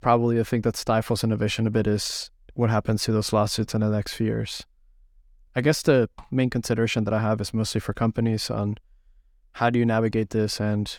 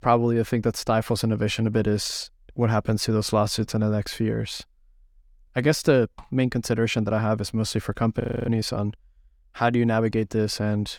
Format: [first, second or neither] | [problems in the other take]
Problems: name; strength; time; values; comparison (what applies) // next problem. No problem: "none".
first | audio freezing; at 8 s